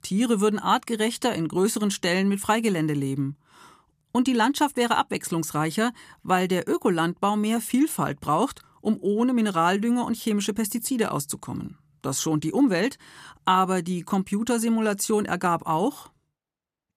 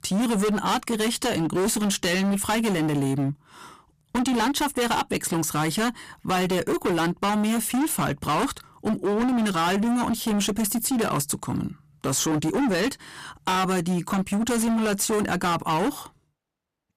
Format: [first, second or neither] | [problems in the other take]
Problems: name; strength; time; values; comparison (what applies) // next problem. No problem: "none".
first | distortion; heavy; 27% of the sound clipped